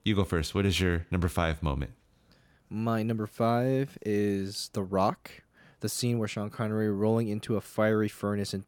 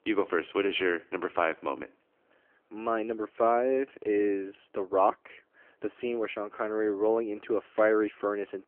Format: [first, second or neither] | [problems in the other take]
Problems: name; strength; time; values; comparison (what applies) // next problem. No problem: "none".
first | phone-call audio; nothing above 3 kHz